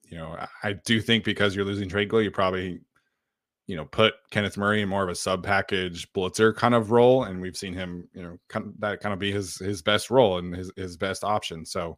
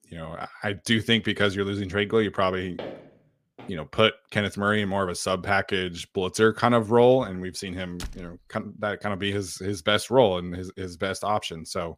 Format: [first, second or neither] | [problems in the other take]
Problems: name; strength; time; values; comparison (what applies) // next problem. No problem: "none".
first | footsteps; faint; at 3 s; peak 15 dB below the speech // door banging; faint; at 8 s; peak 15 dB below the speech